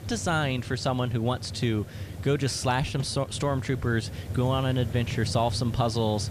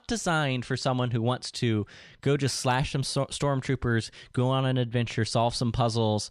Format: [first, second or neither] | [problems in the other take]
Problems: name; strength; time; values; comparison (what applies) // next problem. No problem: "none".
second | hiss; loud; throughout; 9 dB below the speech